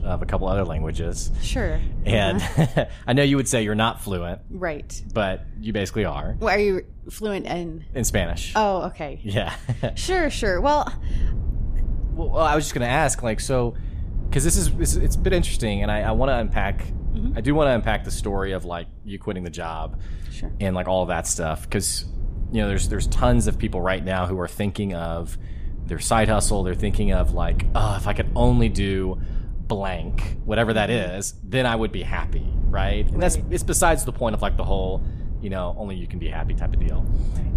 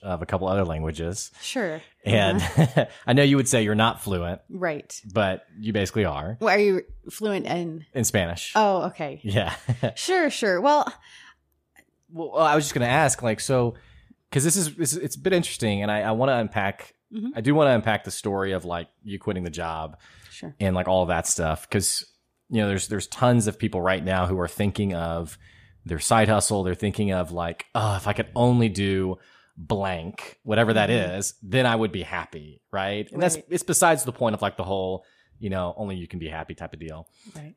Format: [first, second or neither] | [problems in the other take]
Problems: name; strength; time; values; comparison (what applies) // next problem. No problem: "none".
second | low rumble; faint; throughout; 20 dB below the speech